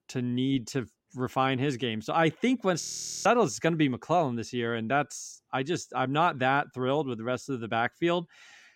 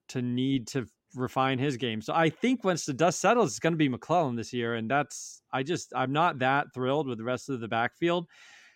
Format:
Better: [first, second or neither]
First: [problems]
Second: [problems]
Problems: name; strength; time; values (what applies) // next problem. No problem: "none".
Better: second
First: audio freezing; at 3 s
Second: none